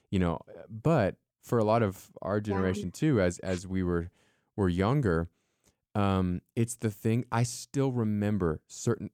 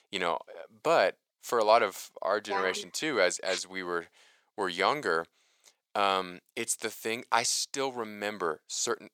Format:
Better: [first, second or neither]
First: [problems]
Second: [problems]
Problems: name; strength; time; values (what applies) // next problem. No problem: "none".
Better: first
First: none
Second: thin; very; fading below 700 Hz